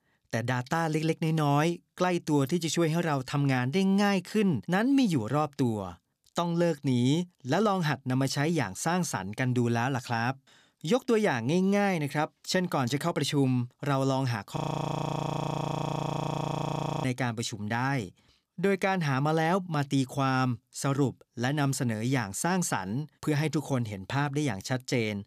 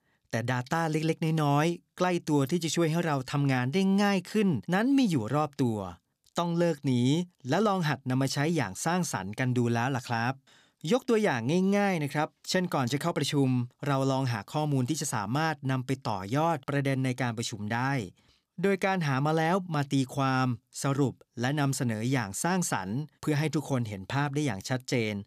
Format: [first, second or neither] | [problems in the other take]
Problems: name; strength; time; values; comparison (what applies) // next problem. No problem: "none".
second | audio freezing; at 15 s for 2.5 s